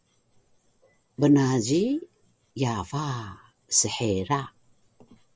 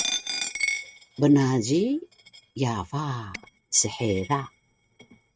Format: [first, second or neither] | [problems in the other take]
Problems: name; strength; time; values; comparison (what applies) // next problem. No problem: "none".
first | noise reduction (neural mask model RNNoise)